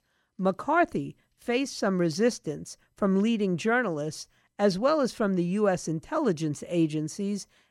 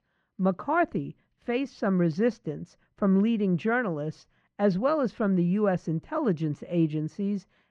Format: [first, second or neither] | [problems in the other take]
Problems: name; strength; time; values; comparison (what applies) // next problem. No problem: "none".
first | muffled; slightly; fading above 2.5 kHz